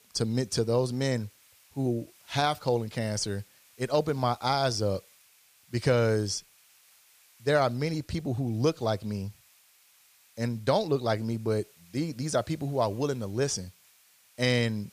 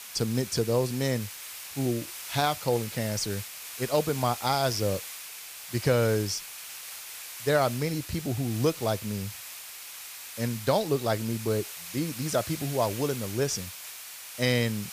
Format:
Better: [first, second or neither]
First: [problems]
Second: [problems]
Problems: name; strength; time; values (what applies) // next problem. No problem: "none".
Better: first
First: hiss; faint; throughout; 30 dB below the speech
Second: hiss; loud; throughout; 9 dB below the speech